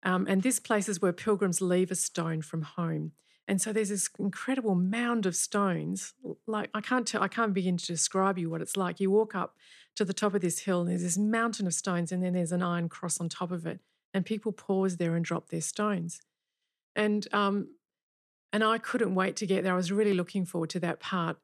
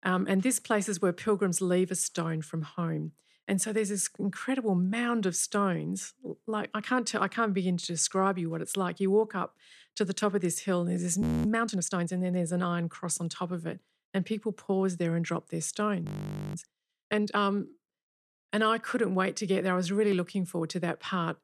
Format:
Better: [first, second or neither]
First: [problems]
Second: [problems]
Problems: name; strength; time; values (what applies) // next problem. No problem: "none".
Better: first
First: none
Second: audio freezing; at 11 s and at 16 s